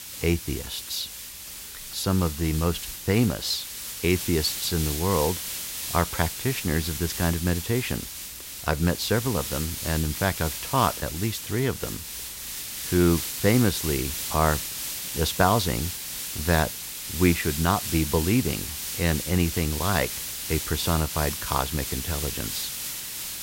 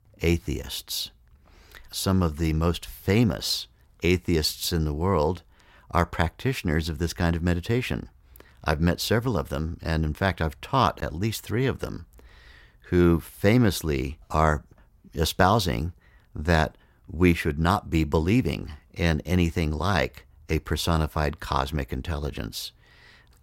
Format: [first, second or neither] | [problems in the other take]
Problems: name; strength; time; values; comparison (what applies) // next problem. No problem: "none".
second | hiss; loud; throughout; 5 dB below the speech